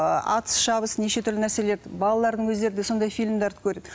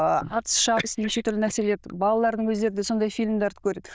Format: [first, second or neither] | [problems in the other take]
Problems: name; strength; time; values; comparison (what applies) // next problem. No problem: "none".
first | noise reduction (neural diffusion model UNIVERSE++)